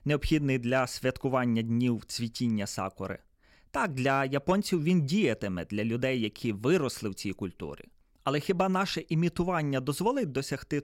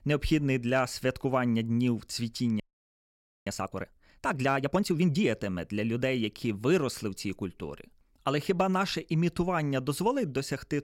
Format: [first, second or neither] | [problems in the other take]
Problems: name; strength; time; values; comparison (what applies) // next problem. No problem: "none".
first | audio freezing; at 2.5 s for 1 s